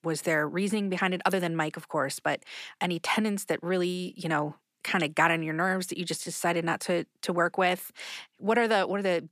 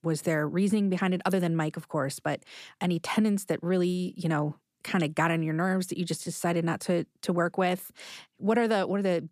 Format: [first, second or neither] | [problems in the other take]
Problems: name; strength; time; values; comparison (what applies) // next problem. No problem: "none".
second | thin; very slightly; fading below 350 Hz